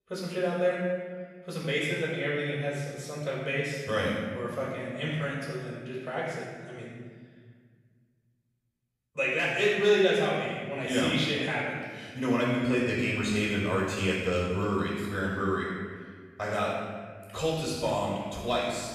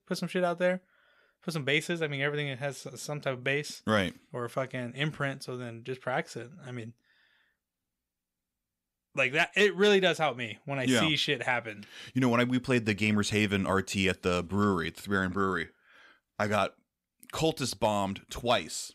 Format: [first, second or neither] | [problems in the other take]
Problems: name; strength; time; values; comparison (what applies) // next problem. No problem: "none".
second | room echo; strong; dies away in 1.5 s // off-mic speech; far